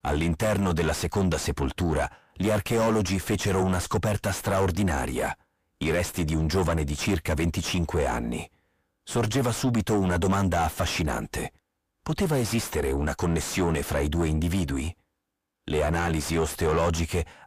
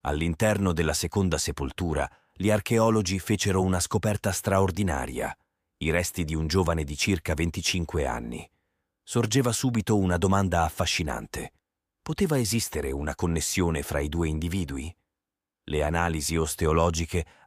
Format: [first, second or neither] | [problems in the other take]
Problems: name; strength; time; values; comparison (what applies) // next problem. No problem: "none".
second | distortion; heavy; 5 dB below the speech